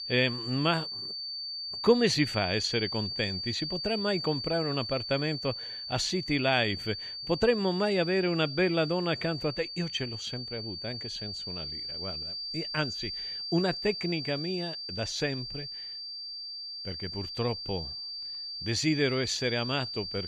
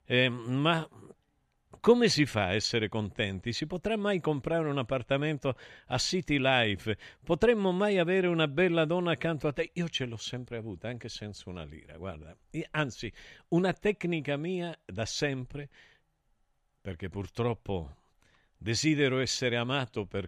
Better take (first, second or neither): second